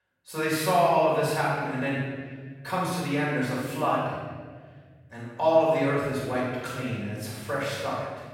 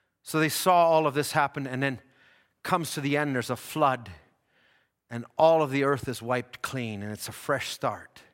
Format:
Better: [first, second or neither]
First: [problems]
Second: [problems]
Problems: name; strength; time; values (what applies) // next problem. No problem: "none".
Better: second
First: off-mic speech; far // room echo; strong; dies away in 1.6 s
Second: none